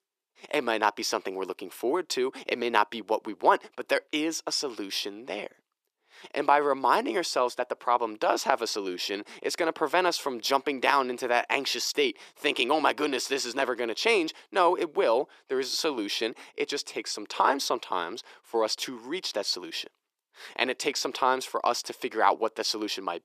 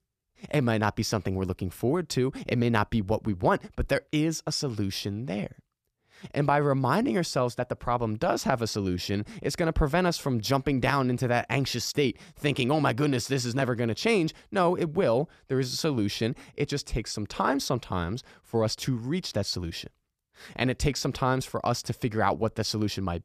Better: second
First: thin; somewhat; fading below 350 Hz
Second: none

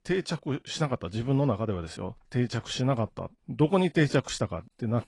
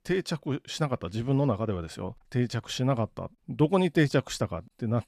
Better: second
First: garbled, watery; slightly; nothing above 10 kHz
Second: none

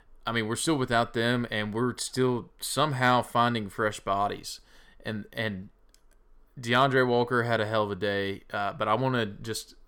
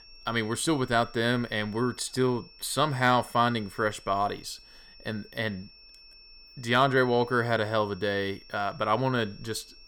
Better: first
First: none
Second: high-pitched whine; faint; throughout; 5.5 kHz, 25 dB below the speech

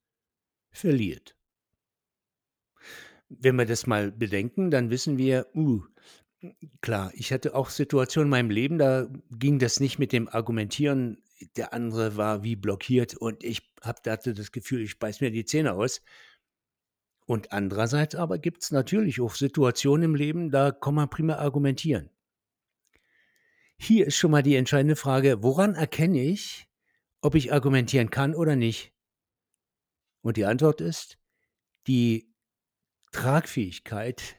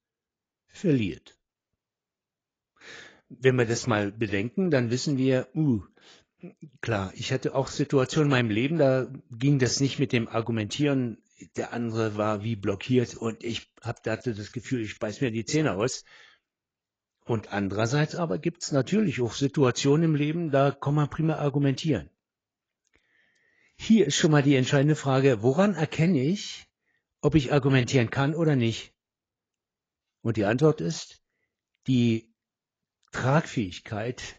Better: first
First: none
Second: garbled, watery; badly; nothing above 7.5 kHz

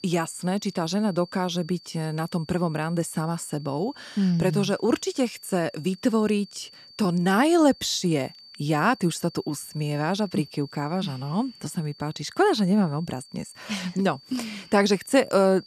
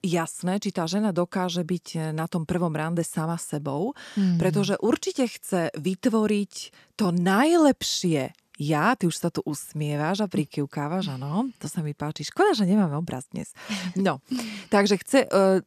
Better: second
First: high-pitched whine; faint; throughout; 4.5 kHz, 20 dB below the speech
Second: none

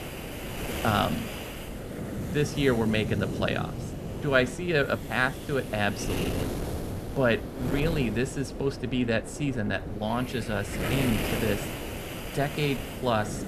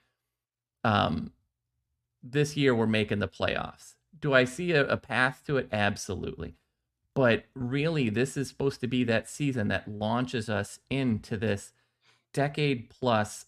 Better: second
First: wind noise on the microphone; heavy; 8 dB below the speech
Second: none

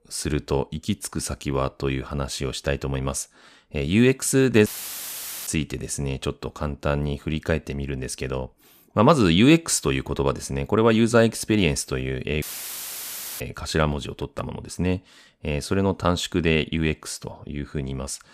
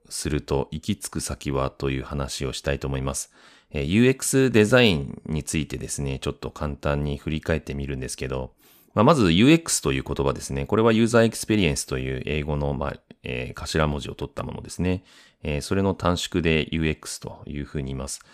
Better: second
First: audio cutting out; filled with static; at 4.5 s for 1 s and at 12 s for 1 s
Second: none

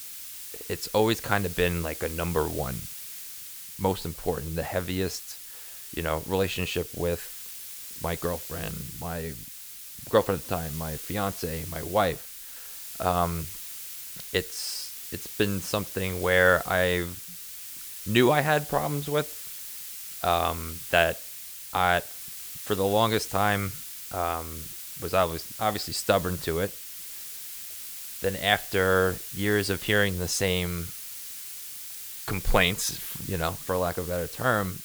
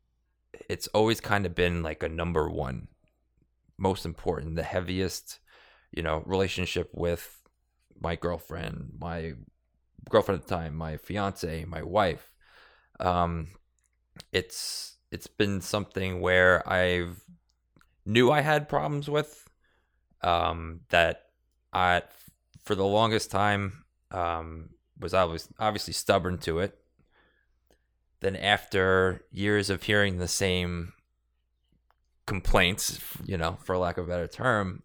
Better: second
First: hiss; loud; throughout; 8 dB below the speech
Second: none

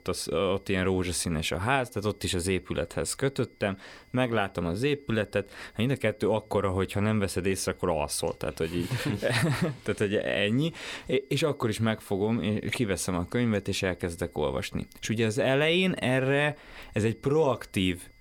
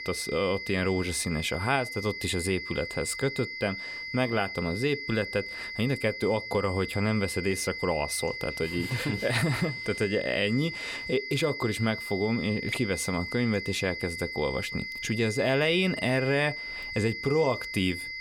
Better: first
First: high-pitched whine; faint; throughout; 2 kHz, 35 dB below the speech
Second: high-pitched whine; loud; throughout; 2 kHz, 6 dB below the speech

